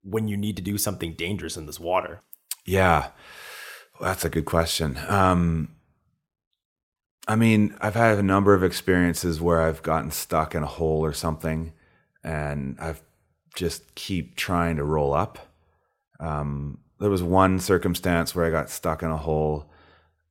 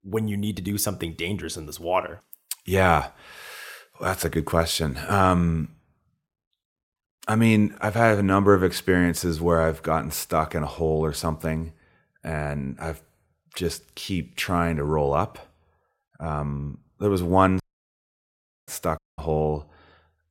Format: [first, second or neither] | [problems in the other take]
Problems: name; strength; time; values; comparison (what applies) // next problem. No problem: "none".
first | audio cutting out; at 18 s for 1 s and at 19 s